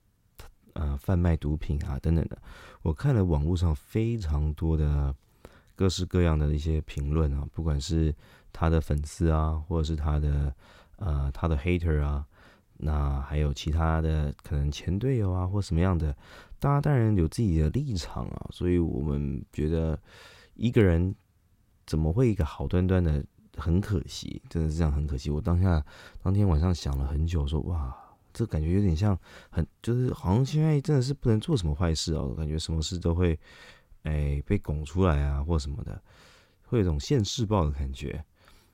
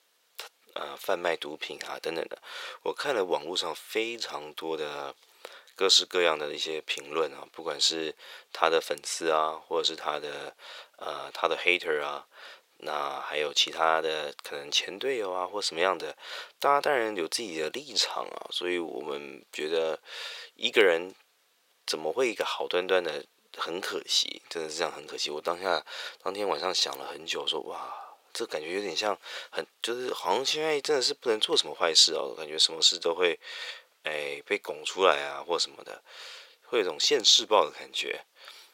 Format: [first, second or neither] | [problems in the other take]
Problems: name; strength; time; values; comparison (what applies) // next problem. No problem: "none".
first | thin; very; fading below 500 Hz